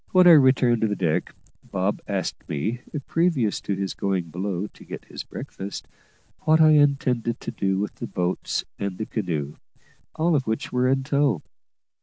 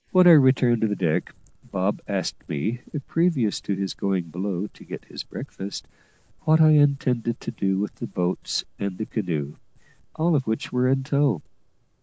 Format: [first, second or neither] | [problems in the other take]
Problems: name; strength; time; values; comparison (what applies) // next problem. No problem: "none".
first | noise reduction (neural mask model Resemble Enhance denoiser)